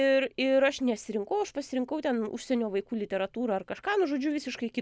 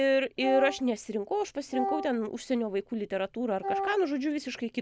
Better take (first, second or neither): first